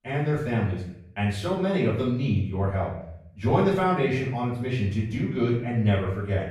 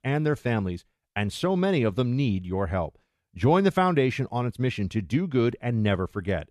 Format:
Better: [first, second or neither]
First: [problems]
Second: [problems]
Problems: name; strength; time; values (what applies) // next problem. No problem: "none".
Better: second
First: off-mic speech; far // room echo; noticeable; dies away in 0.6 s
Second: none